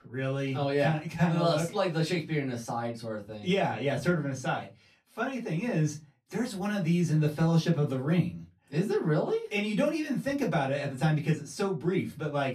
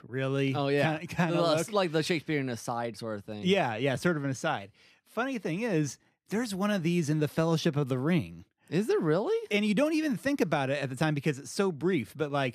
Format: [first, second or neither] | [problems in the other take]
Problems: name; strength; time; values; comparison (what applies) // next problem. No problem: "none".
second | off-mic speech; far // room echo; very slight; dies away in 0.2 s